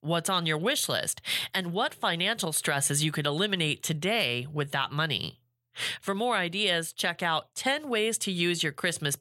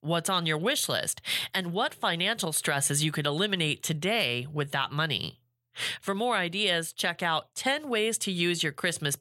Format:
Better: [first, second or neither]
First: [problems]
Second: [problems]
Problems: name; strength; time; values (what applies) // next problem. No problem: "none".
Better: neither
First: none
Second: none